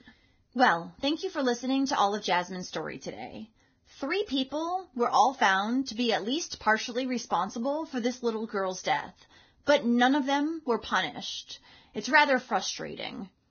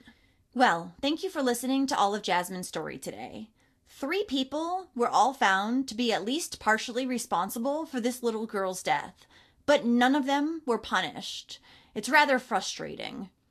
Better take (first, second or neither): second